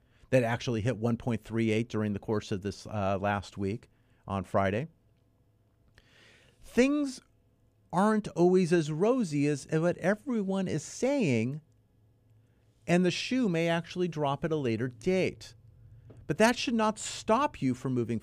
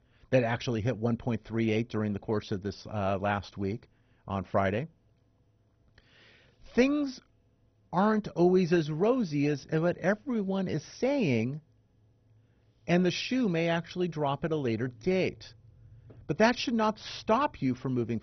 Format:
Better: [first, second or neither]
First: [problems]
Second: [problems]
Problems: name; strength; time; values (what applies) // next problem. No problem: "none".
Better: first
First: none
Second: garbled, watery; badly; nothing above 6 kHz